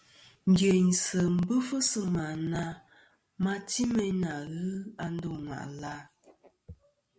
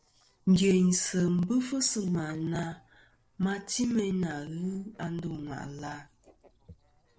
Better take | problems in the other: first | noise reduction (neural separator model SepFormer DNS4)

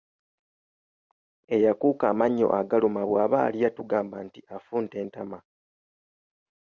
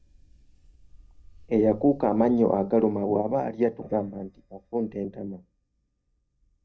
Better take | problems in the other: first | noise reduction (neural mask model DeepFilterNet 3)

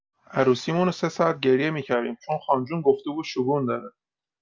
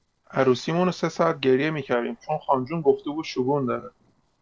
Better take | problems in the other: first | noise reduction (neural separator model SepFormer DNS4)

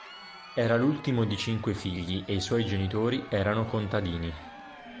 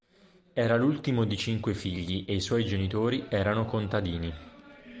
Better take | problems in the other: second | background sound (Crowd); 18 dB below the speech

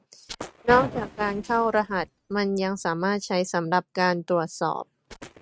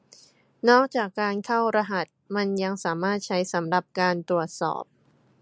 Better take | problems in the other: second | noise reduction (neural mask model RNNoise)

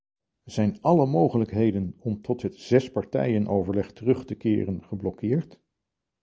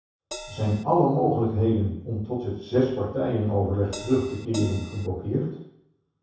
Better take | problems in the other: first | background sound (Crash cymbal); 14 dB below the speech // room echo; dies away in 0.7 s

